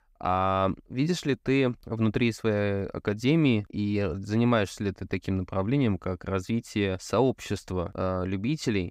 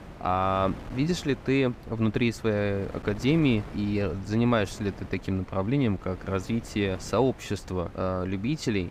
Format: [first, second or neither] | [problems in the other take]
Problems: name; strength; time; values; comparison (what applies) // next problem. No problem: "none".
first | wind noise on the microphone; occasional gusts; 15 dB below the speech